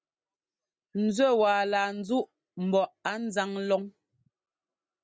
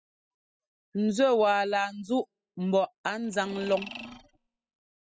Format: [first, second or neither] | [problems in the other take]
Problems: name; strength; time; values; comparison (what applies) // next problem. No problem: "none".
first | noise reduction (classical method spectral subtraction)